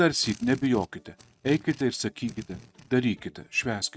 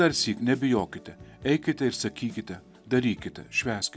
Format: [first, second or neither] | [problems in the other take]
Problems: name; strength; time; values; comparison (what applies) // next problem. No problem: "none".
second | noise reduction (neural mask model RNNoise)